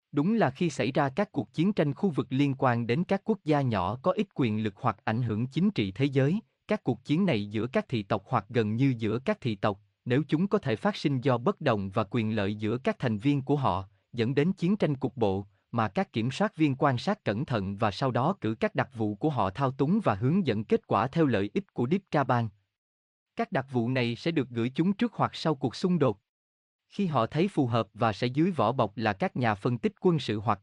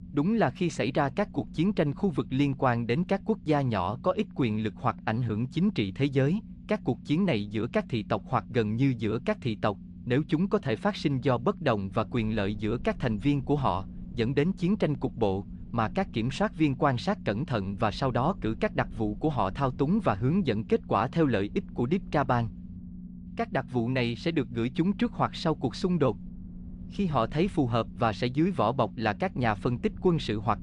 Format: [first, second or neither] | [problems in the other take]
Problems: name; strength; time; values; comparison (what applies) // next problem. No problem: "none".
first | low rumble; faint; throughout; 25 dB below the speech